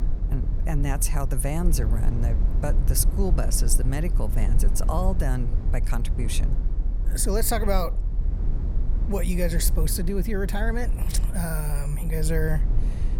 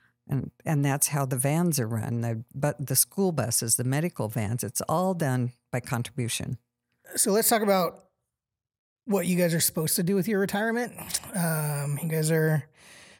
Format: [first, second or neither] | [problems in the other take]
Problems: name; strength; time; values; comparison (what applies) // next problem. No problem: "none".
second | low rumble; noticeable; throughout; 10 dB below the speech